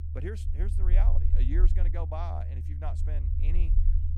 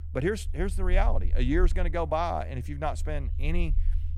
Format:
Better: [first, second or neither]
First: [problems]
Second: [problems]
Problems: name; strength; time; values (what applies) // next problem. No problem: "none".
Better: second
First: low rumble; loud; throughout; 5 dB below the speech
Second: low rumble; faint; throughout; 20 dB below the speech